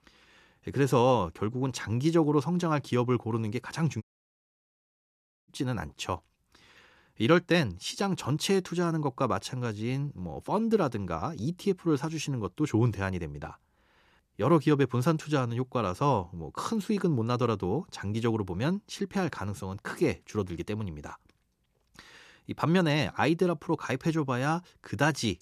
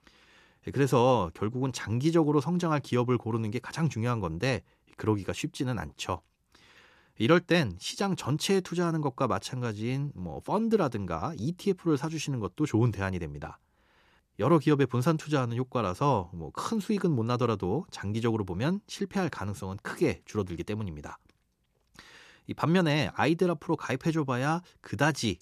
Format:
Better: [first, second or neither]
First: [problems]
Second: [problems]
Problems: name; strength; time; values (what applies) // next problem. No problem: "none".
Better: second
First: audio cutting out; at 4 s for 1.5 s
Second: none